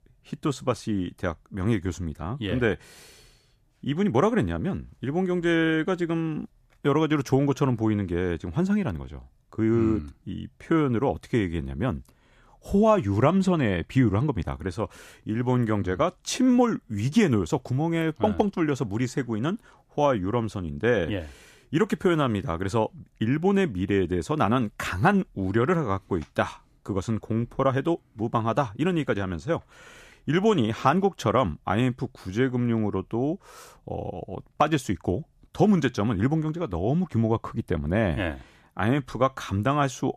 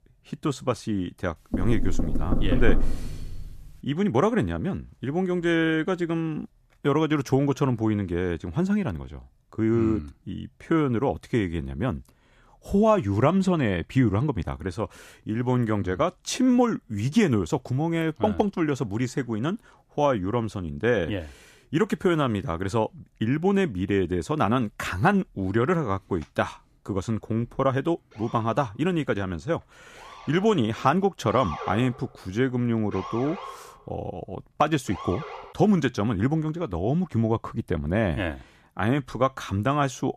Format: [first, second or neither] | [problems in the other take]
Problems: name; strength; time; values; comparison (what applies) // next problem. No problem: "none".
first | door banging; noticeable; from 1.5 to 3.5 s; peak level with the speech // siren; noticeable; from 28 to 36 s; peak 8 dB below the speech